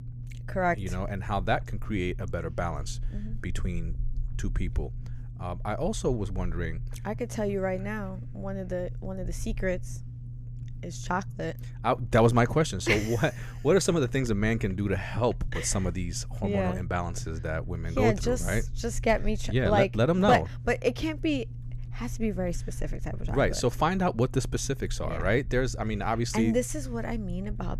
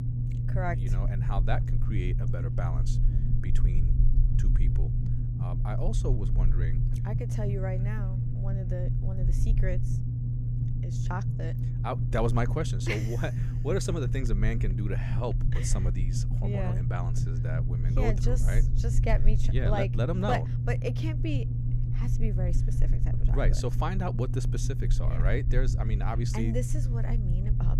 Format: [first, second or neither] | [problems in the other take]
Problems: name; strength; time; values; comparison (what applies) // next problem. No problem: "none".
first | low rumble; loud; throughout; 6 dB below the speech; faint in the first